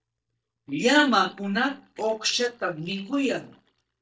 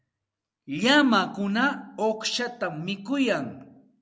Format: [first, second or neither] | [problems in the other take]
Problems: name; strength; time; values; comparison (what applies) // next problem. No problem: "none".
second | noise reduction (neural mask model DeepFilterNet 3)